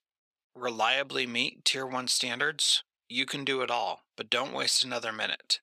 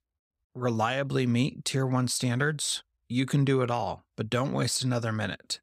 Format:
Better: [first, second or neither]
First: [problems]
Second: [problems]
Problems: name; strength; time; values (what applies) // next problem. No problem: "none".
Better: second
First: thin; somewhat; fading below 400 Hz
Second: none